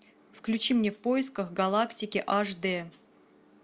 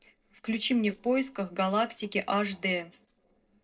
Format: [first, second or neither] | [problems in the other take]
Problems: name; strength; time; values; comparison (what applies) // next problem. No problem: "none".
first | noise reduction (neural separator model SepFormer DNS4)